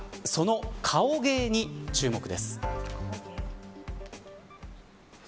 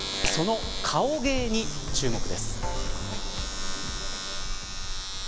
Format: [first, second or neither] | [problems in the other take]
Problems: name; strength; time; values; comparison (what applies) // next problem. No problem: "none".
first | background sound (Bird vocalization, bird call, bird song + Domestic sounds, home sounds); 1 dB above the speech